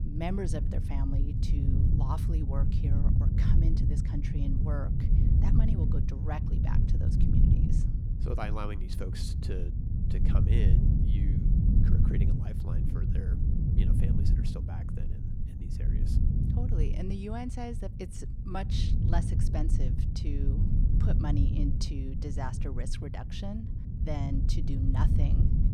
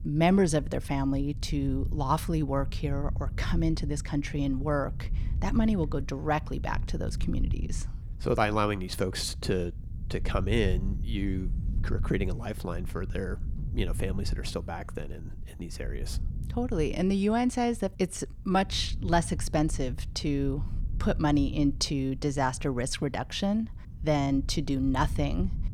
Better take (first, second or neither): second